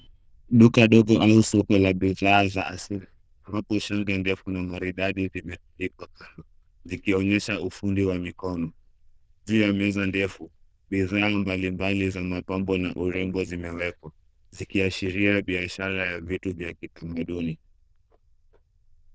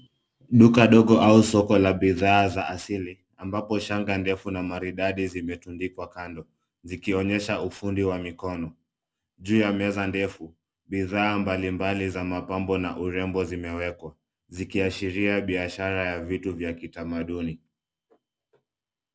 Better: second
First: noise reduction (neural diffusion model UNIVERSE++)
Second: none

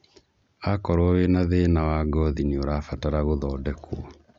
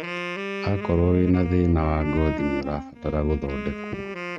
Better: first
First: none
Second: noise reduction (neural mask model RNNoise)

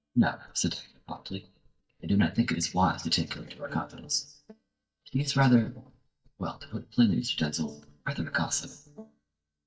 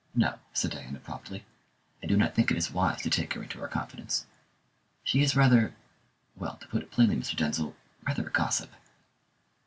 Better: second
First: noise reduction (neural mask model DeepFilterNet 3)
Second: none

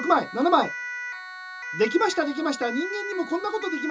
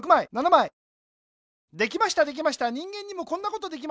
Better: second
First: background sound (Siren); 9 dB below the speech // room echo; dies away in 0.2 s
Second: none

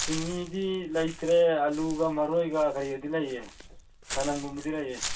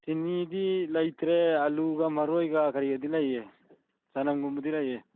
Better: second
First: background sound (Walk, footsteps / Bird); 11 dB below the speech // room echo; dies away in 0.2 s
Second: none

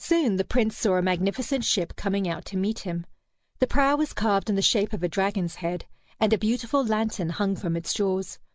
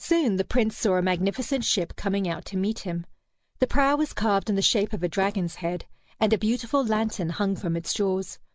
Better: first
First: none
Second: background sound (Thump, thud); 19 dB below the speech

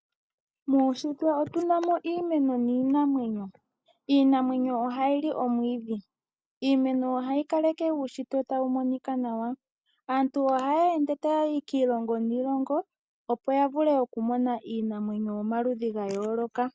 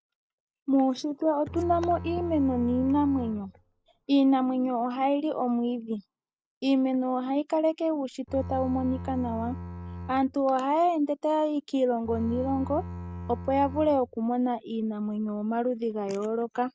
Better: first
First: none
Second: background sound (Bowed string instrument); 11 dB below the speech

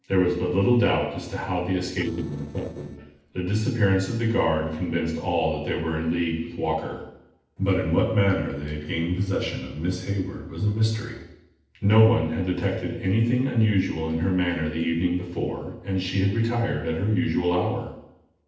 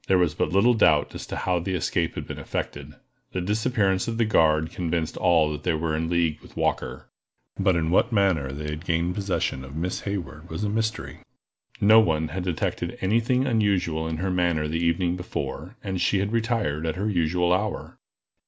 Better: second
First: noise reduction (neural separator model SepFormer DNS4)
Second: none

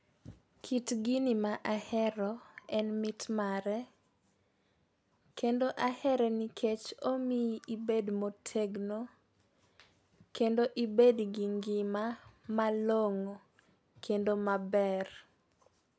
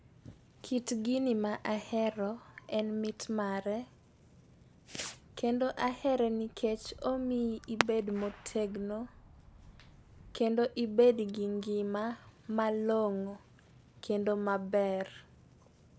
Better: first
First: none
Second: background sound (Fireworks); 15 dB below the speech

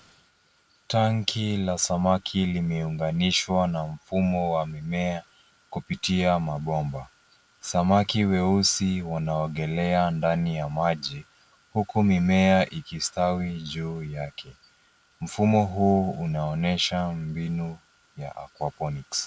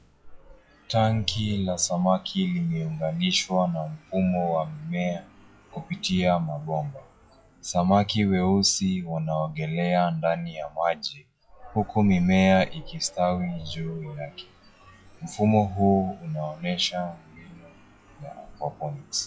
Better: first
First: none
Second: noise reduction (classical method log-MMSE)

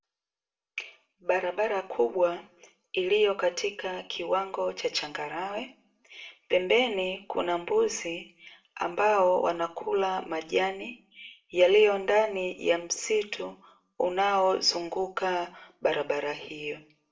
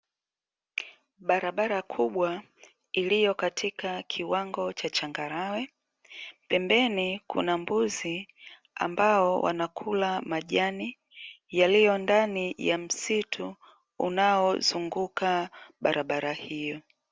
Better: second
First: room echo; dies away in 0.3 s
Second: none

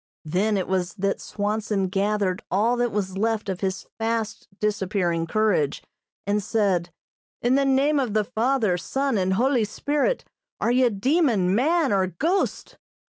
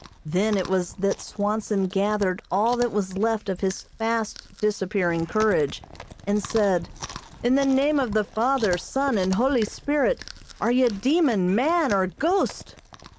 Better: first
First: none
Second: background sound (Chewing, mastication); 18 dB below the speech

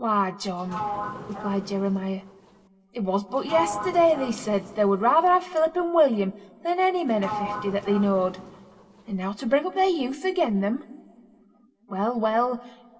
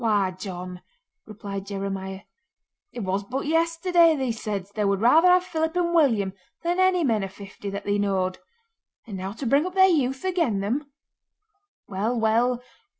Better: second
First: background sound (Sliding door); 10 dB below the speech // room echo; dies away in 1.6 s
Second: none

